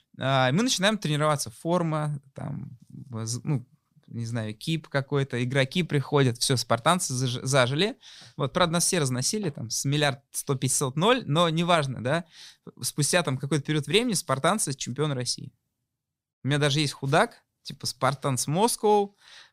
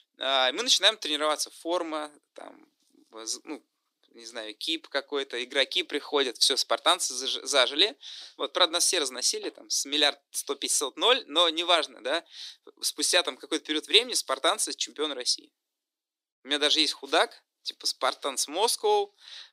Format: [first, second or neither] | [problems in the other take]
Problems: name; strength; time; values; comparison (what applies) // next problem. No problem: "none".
first | thin; somewhat; fading below 300 Hz